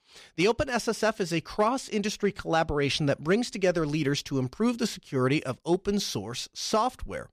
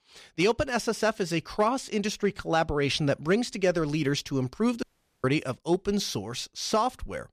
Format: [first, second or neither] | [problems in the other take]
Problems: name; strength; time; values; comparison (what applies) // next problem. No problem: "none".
first | audio cutting out; at 5 s